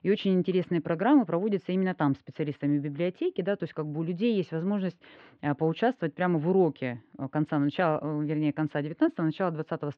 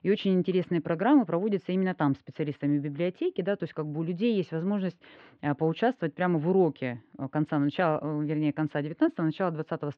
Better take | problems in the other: neither | muffled; very; fading above 3 kHz; the same in both

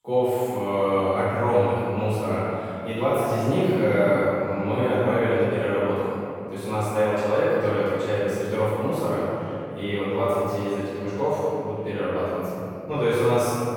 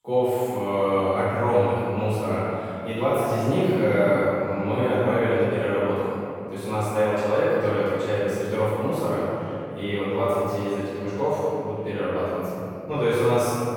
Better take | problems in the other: neither | off-mic speech; far; the same in both // room echo; strong; dies away in 2.6 s; the same in both

